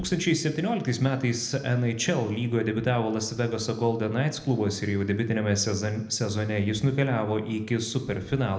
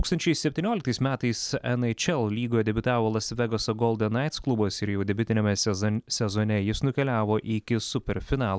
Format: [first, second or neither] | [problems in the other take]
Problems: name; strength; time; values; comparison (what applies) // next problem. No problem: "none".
second | room echo; dies away in 0.7 s